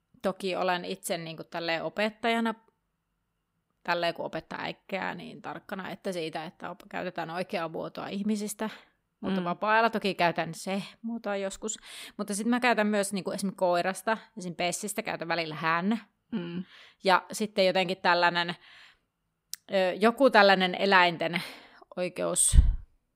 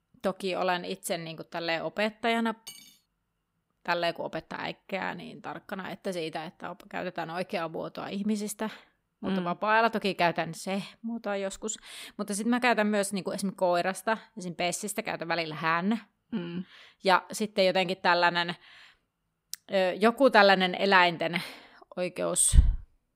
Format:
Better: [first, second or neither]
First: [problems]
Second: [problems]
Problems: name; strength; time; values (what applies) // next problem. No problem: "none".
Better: first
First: none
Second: clattering dishes; faint; at 2.5 s; peak 15 dB below the speech